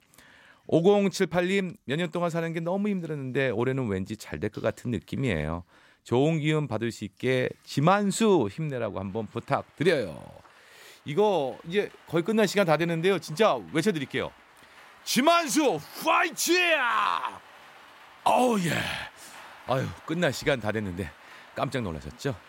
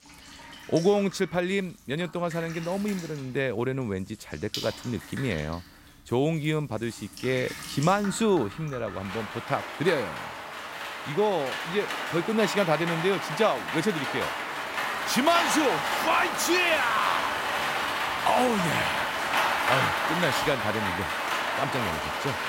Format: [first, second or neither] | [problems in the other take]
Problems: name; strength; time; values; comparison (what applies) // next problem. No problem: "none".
first | rain or running water; loud; throughout; 1 dB below the speech; faint in the first